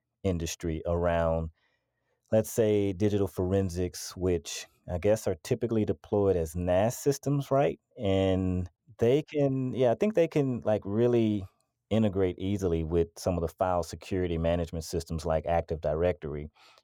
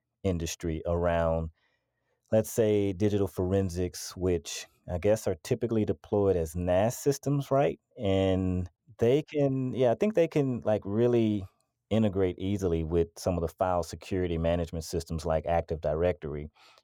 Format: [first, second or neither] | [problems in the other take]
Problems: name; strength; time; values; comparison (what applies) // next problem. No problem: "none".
neither | none